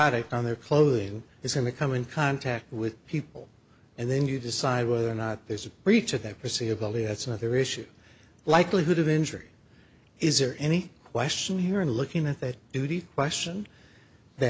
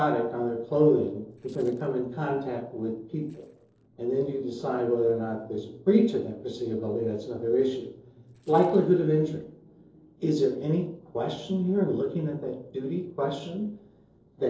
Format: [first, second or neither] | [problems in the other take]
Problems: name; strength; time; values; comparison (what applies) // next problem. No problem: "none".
first | noise reduction (neural separator model SepFormer DNS4)